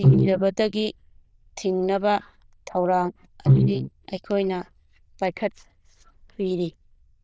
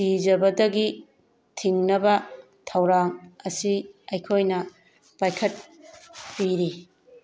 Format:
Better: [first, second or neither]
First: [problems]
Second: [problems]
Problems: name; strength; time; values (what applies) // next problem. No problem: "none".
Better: second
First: noise reduction (neural diffusion model UNIVERSE++)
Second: none